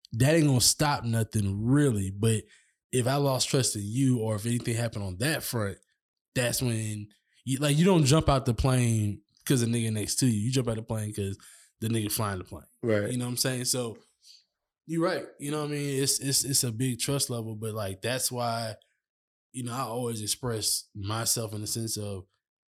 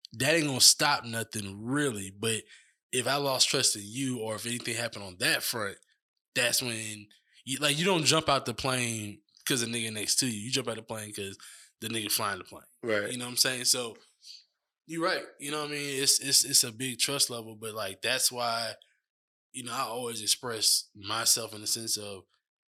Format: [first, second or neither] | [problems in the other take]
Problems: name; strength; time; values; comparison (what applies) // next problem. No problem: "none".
first | thin; somewhat; fading below 1 kHz